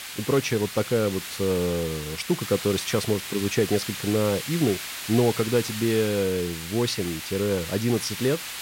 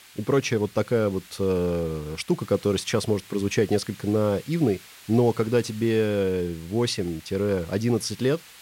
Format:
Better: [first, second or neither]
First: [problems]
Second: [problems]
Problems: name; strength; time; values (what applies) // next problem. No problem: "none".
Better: second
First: hiss; loud; throughout; 7 dB below the speech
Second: hiss; faint; throughout; 20 dB below the speech